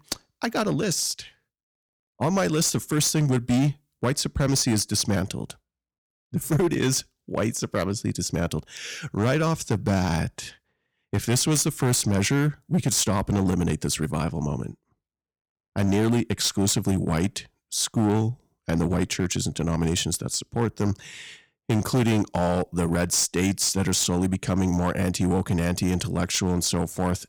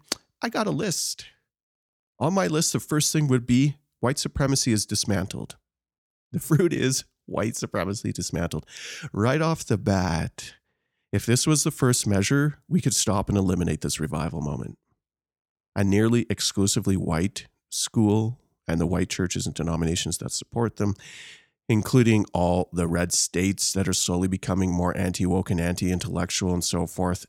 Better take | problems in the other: second | distortion; slight; 7% of the sound clipped

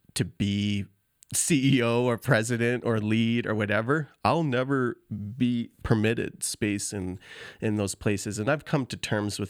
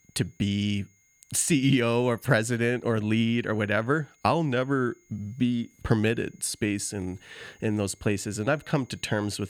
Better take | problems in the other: first | high-pitched whine; faint; throughout; 2 kHz, 35 dB below the speech

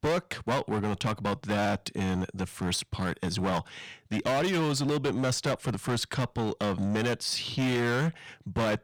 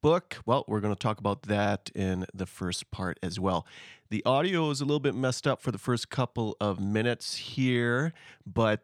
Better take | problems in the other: second | distortion; heavy; 19% of the sound clipped

